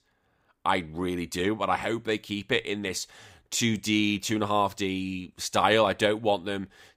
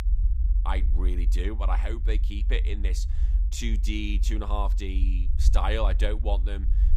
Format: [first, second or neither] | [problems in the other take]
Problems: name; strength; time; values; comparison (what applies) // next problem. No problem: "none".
first | low rumble; noticeable; throughout; 15 dB below the speech